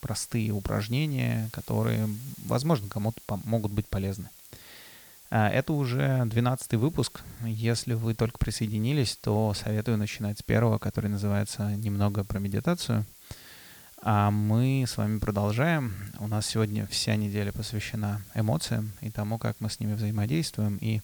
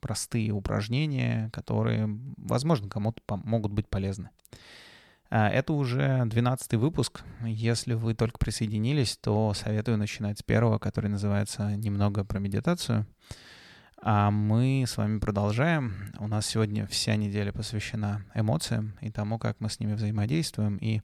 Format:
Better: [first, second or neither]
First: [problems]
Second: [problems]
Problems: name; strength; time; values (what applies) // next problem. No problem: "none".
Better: second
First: hiss; noticeable; throughout; 20 dB below the speech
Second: none